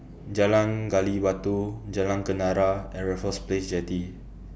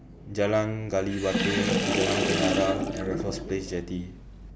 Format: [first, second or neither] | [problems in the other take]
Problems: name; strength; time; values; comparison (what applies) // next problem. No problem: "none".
first | background sound (Sink (filling or washing) / Water); as loud as the speech